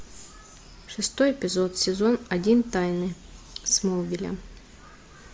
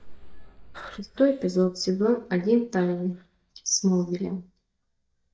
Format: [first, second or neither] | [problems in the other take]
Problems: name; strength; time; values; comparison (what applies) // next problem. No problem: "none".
first | noise reduction (neural mask model DeepFilterNet 3)